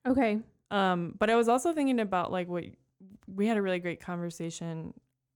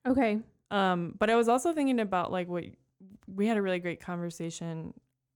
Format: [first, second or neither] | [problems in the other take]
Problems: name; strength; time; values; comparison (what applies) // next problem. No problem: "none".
neither | none